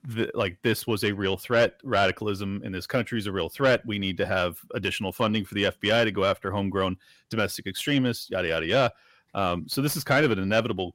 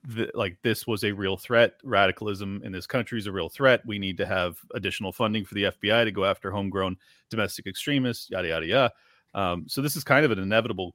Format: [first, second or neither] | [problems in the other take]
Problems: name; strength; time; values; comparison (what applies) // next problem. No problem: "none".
second | distortion; slight; 10 dB below the speech